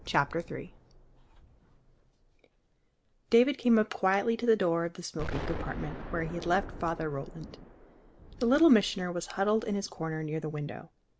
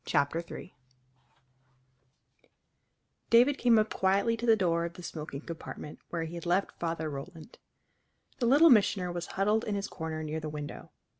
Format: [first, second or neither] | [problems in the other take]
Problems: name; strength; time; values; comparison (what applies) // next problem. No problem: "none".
second | background sound (Explosion); 14 dB below the speech